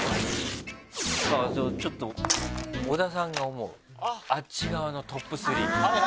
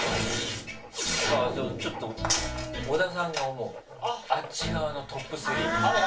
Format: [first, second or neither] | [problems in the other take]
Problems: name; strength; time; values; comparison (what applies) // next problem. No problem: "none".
first | background sound (Writing); 19 dB below the speech // room echo; dies away in 0.2 s